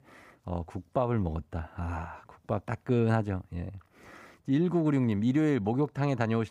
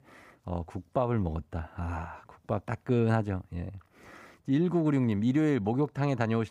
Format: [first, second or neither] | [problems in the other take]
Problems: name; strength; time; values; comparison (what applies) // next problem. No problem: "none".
neither | none